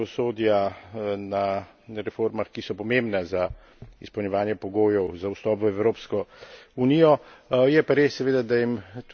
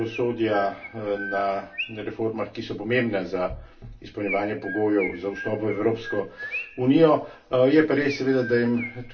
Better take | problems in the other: first | background sound (Chirp, tweet); 14 dB below the speech // room echo; dies away in 0.3 s

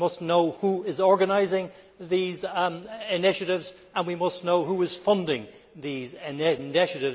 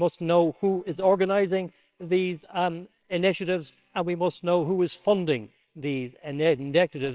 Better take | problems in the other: first | noise reduction (neural separator model SepFormer WHAMR!)

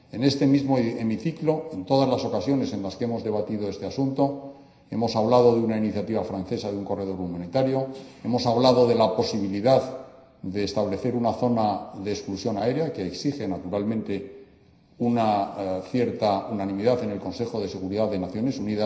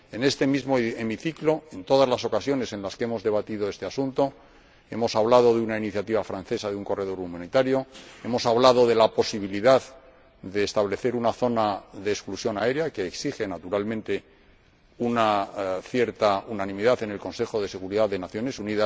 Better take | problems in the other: second | room echo; dies away in 0.9 s

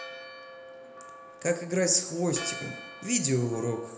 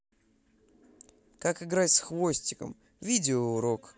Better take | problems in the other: second | background sound (Church bell); 13 dB below the speech // room echo; dies away in 1.4 s

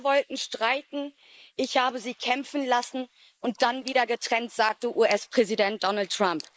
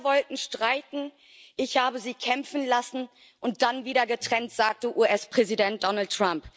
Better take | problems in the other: second | noise reduction (neural mask model Resemble Enhance denoiser)

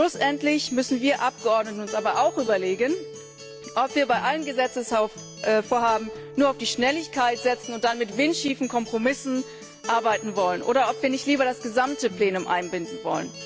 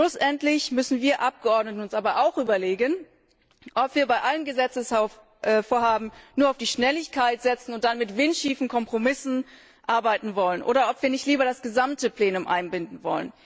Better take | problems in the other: second | background sound (Acoustic guitar); 14 dB below the speech

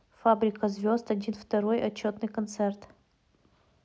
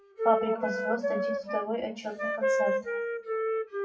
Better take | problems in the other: first | noise reduction (classical method WPE with log-MMSE)

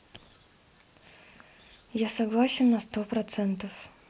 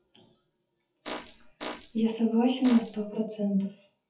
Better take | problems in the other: first | noise reduction (classical method WPE with log-MMSE)

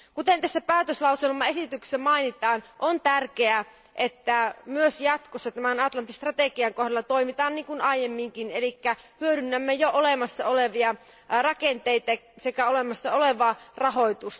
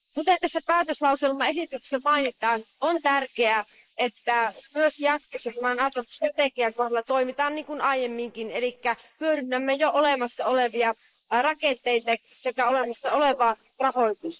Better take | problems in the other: first | noise reduction (neural mask model Resemble Enhance denoiser)

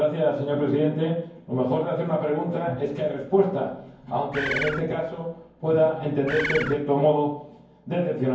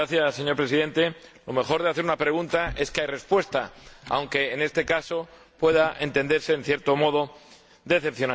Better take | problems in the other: second | background sound (Bird); 4 dB below the speech // room echo; dies away in 0.9 s

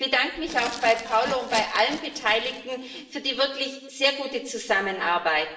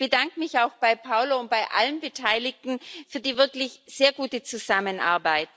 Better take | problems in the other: second | background sound (Glass); 13 dB below the speech // room echo; dies away in 0.8 s

